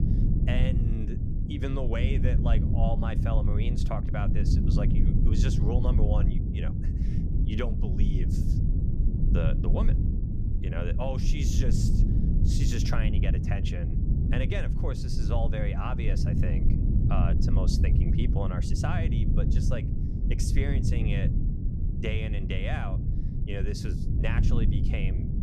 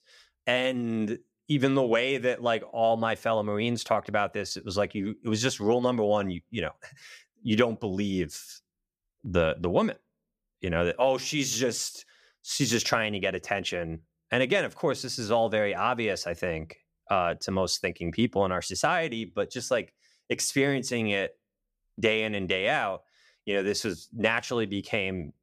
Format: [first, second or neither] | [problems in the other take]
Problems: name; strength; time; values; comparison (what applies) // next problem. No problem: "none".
second | low rumble; loud; throughout; 2 dB below the speech